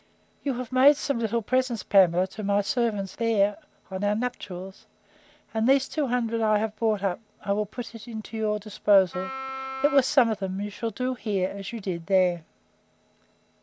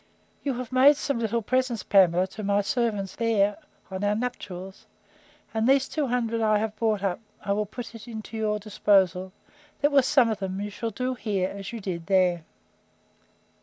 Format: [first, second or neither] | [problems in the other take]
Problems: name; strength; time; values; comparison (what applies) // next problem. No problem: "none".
second | background sound (Wind instrument, woodwind instrument); 9 dB below the speech